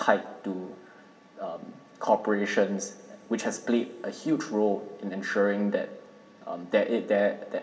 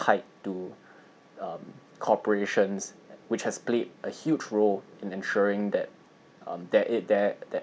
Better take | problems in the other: second | room echo; dies away in 2.6 s

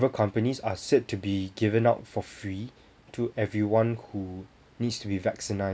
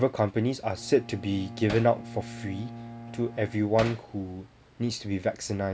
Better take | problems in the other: first | background sound (Bowed string instrument + Hammer); 14 dB below the speech

